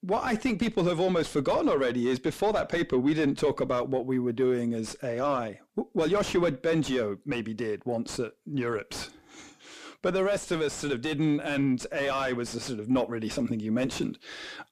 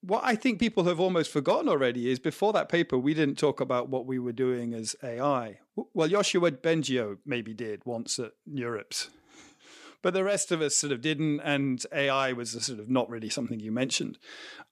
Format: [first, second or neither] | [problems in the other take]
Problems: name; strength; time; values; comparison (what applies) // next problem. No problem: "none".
second | distortion; heavy; 6 dB below the speech